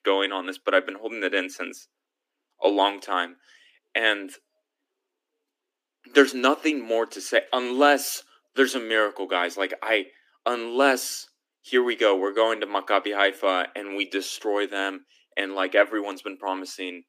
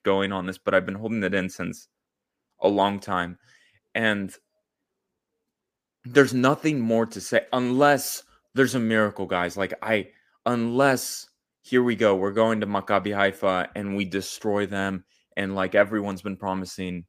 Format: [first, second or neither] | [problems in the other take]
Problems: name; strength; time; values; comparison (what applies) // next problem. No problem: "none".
second | thin; very slightly; fading below 250 Hz